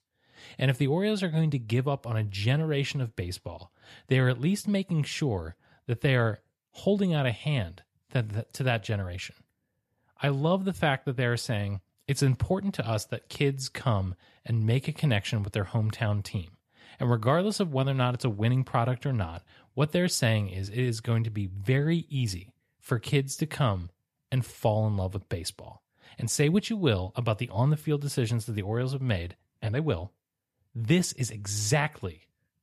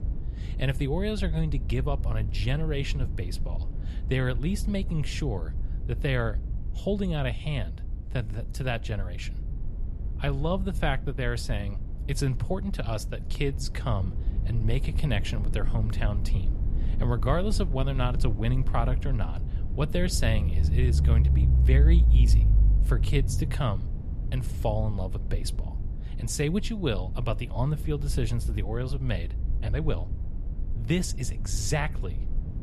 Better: first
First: none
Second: low rumble; noticeable; throughout; 10 dB below the speech

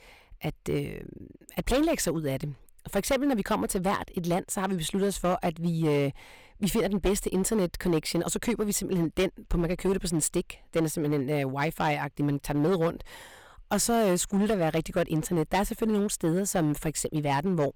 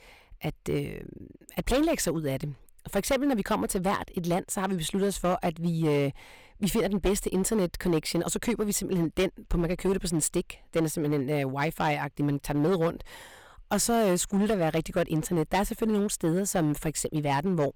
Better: neither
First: distortion; slight; 8% of the sound clipped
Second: distortion; slight; 8% of the sound clipped

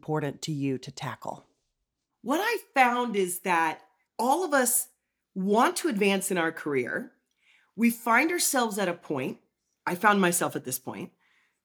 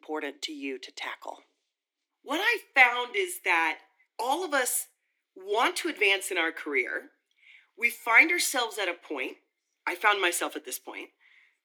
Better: first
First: none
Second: thin; somewhat; fading below 300 Hz

